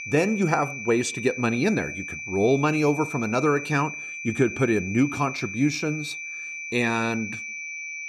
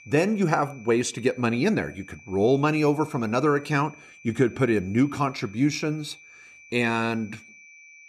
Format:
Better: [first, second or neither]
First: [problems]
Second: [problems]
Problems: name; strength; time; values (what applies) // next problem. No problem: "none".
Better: second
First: high-pitched whine; loud; throughout; 2.5 kHz, 8 dB below the speech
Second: high-pitched whine; faint; throughout; 2.5 kHz, 25 dB below the speech